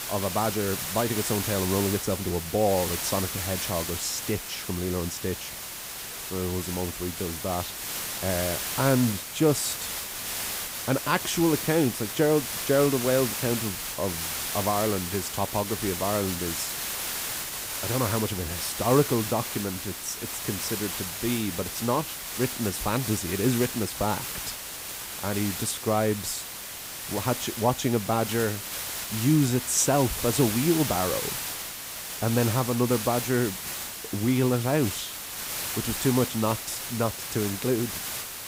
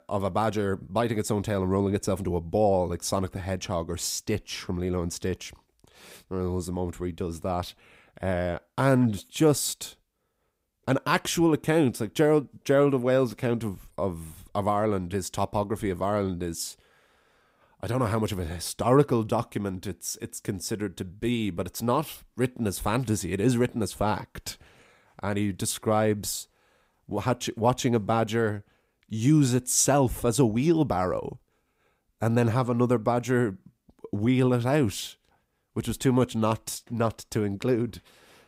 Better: second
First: hiss; loud; throughout; 4 dB below the speech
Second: none

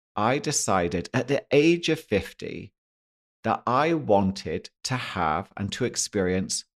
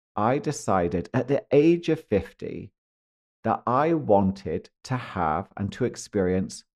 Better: first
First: none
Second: muffled; slightly; fading above 2 kHz

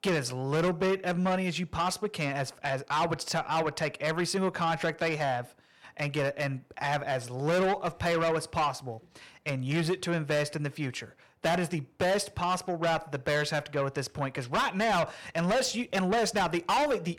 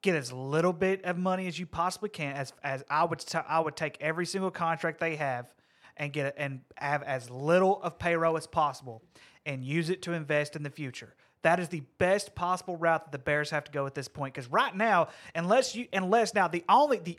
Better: second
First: distortion; heavy; 6 dB below the speech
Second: none

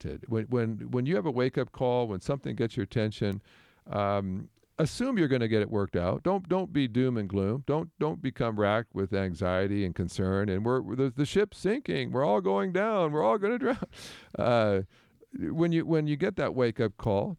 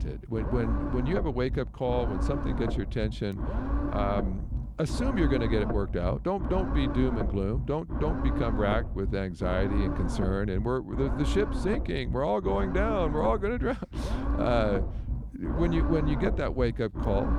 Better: first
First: none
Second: low rumble; loud; throughout; 6 dB below the speech

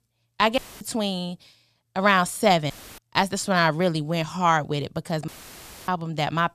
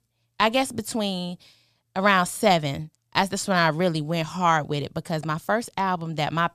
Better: second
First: audio cutting out; filled with static; at 0.5 s, at 2.5 s and at 5.5 s for 0.5 s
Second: none

